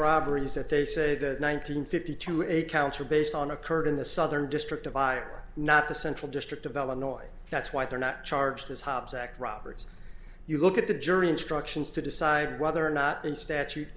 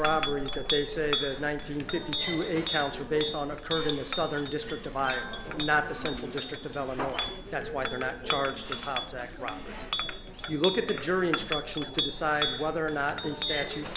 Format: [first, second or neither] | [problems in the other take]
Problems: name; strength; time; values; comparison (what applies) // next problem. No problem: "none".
first | background sound (Chink, clink); 4 dB below the speech